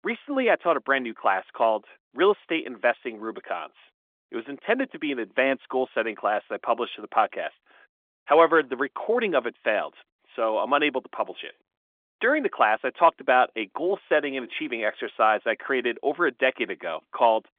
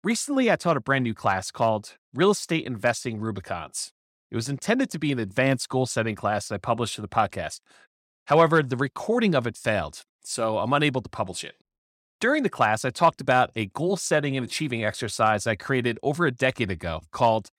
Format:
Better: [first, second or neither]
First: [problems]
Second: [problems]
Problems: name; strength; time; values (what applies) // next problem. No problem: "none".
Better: second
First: phone-call audio; nothing above 3.5 kHz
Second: none